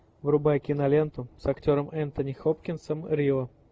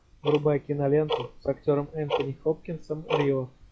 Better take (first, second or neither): first